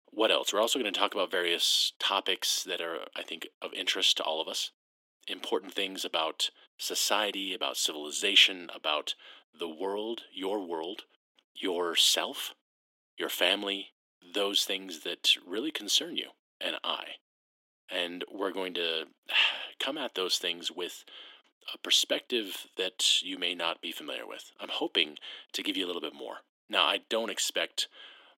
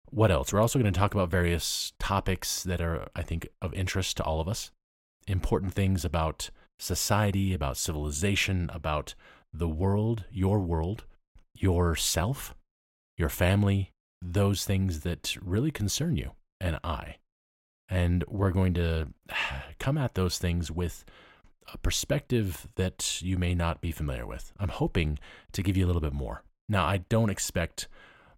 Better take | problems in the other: second | thin; very; fading below 300 Hz

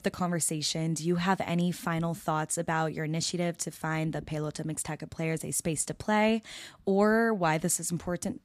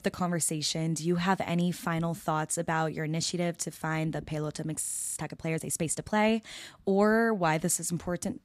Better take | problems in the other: first | audio freezing; at 5 s

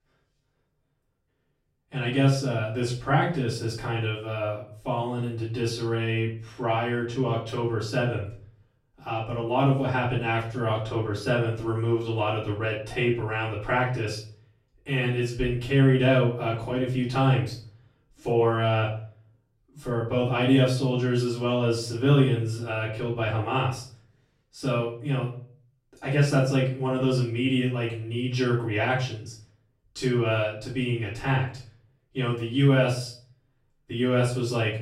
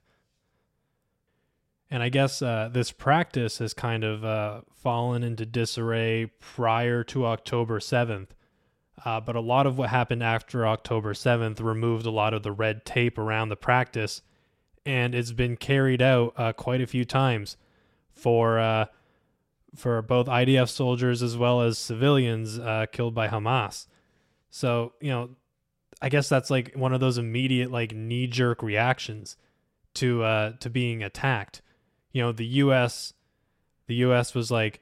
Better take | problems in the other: second | room echo; slight; dies away in 0.4 s // off-mic speech; far

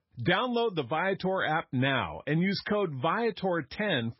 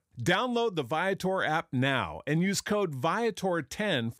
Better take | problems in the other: second | garbled, watery; badly; nothing above 5.5 kHz

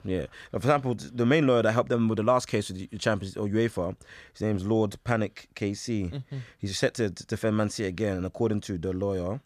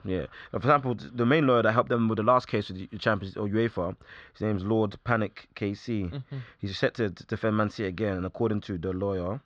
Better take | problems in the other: first | muffled; slightly; fading above 4 kHz

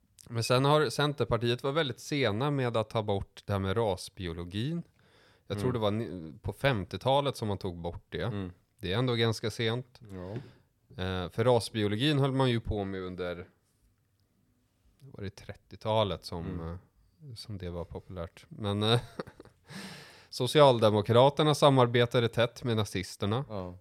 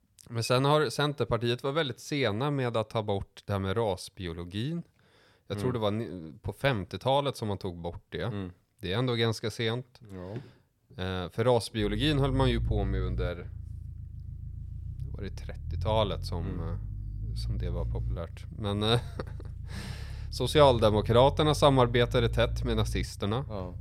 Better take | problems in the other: first | low rumble; faint; from 12 s on; 25 dB below the speech

